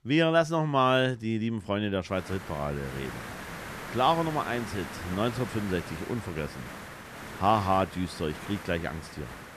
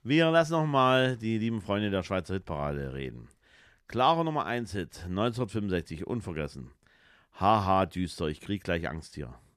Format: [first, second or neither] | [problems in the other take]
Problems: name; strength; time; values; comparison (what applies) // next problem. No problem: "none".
second | hiss; noticeable; from 2 s on; 10 dB below the speech